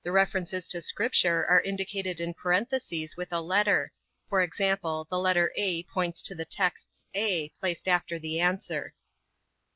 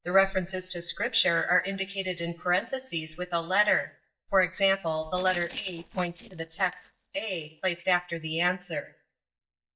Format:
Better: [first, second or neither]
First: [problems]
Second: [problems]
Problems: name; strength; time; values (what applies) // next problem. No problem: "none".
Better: first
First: none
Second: noise reduction (neural mask model DeepFilterNet 3)